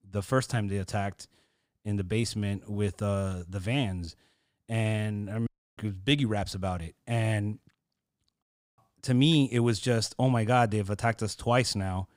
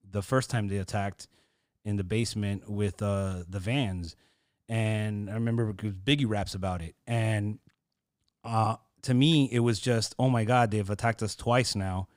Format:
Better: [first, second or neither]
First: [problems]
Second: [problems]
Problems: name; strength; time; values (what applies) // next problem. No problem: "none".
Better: second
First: audio cutting out; at 5.5 s and at 8.5 s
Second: none